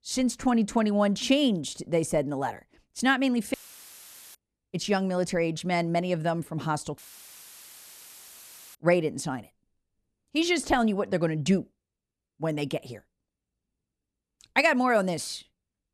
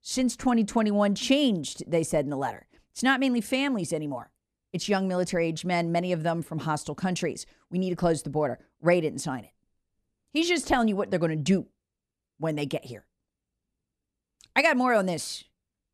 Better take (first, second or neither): second